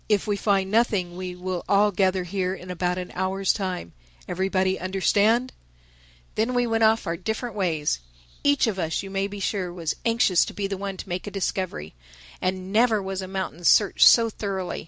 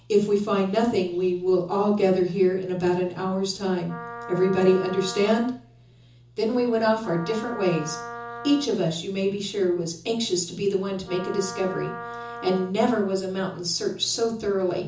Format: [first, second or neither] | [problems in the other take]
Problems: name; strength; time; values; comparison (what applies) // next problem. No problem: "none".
first | background sound (Wind instrument, woodwind instrument); 14 dB below the speech // room echo; dies away in 0.6 s